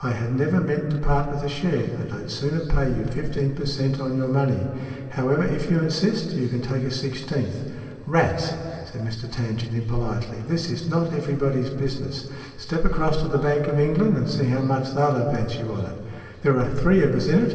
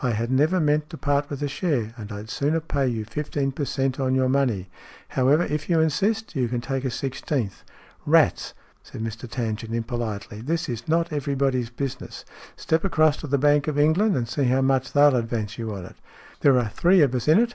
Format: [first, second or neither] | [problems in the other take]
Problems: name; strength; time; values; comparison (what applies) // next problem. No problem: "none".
second | room echo; dies away in 2.6 s